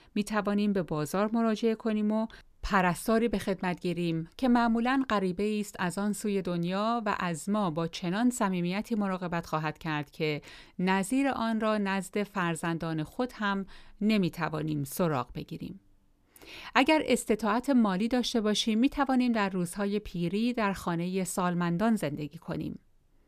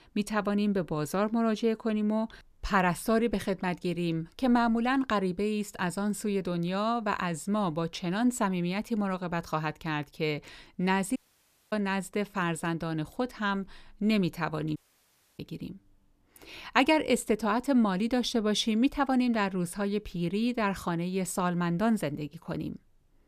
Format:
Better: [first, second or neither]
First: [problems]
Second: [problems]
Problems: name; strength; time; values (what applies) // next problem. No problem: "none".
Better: first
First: none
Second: audio cutting out; at 11 s for 0.5 s and at 15 s for 0.5 s